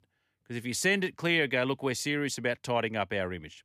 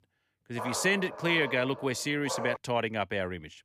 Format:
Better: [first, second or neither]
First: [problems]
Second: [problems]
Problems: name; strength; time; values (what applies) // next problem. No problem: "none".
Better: first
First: none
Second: dog barking; noticeable; from 0.5 to 2.5 s; peak 6 dB below the speech